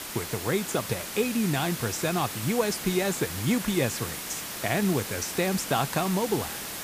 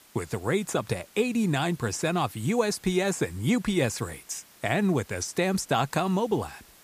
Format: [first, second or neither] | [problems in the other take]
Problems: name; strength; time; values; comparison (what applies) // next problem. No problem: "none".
second | hiss; loud; throughout; 5 dB below the speech; faint in the second